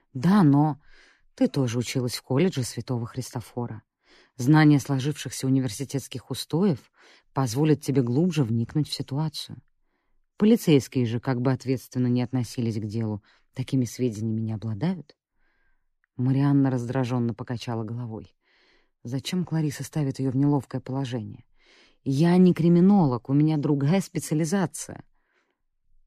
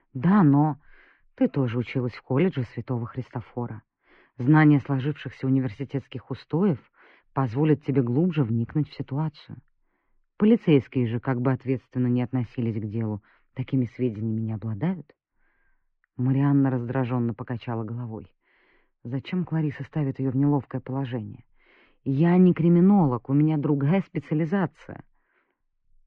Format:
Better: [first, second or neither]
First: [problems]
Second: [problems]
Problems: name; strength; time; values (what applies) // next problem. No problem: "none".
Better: first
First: none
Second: muffled; very; fading above 2.5 kHz